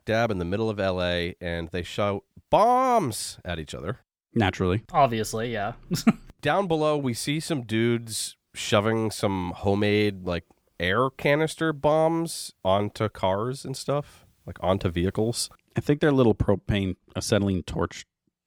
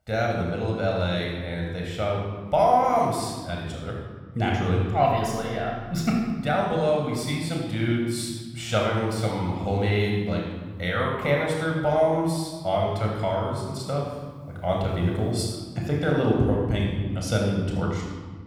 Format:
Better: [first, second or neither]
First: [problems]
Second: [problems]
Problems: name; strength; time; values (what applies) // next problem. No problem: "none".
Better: first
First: none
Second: off-mic speech; somewhat distant // room echo; noticeable; dies away in 1.4 s